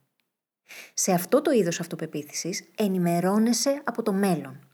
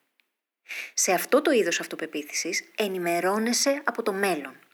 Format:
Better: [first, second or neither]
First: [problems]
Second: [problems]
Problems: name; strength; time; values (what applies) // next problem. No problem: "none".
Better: first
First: none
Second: thin; somewhat; fading below 300 Hz